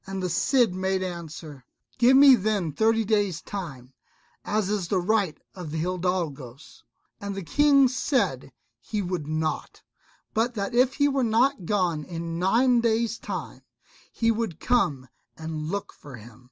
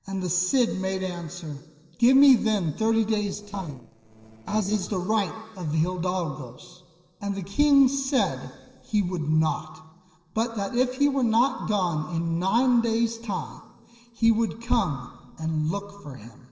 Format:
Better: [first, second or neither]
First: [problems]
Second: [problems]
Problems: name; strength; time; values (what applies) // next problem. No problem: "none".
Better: first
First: none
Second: noise reduction (neural separator model SepFormer DNS4)